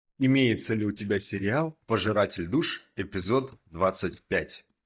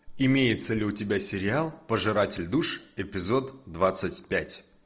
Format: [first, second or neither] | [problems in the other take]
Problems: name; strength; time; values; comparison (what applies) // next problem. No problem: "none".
second | noise reduction (neural mask model DeepFilterNet 3)